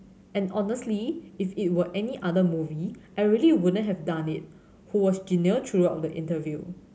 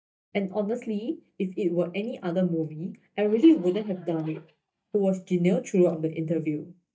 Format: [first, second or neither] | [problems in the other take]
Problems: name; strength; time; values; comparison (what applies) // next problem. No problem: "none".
first | noise reduction (neural mask model DeepFilterNet 3)